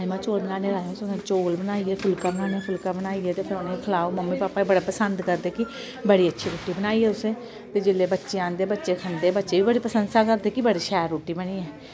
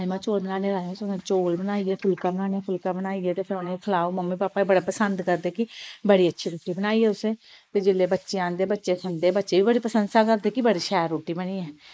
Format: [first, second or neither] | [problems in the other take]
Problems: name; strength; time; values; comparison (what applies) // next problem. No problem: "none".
first | noise reduction (neural mask model Resemble Enhance denoiser)